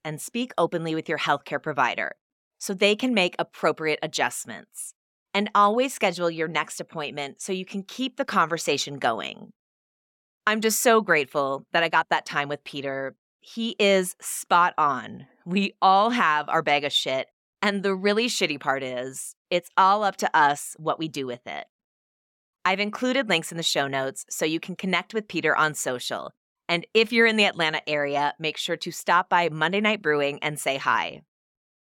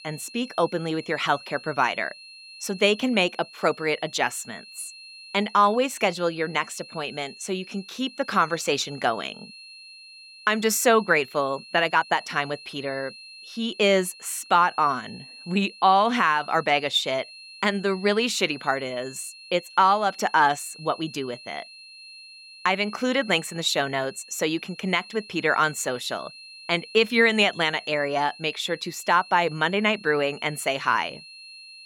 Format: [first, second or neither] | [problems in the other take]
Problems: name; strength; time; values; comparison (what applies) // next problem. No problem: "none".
first | high-pitched whine; noticeable; throughout; 4 kHz, 20 dB below the speech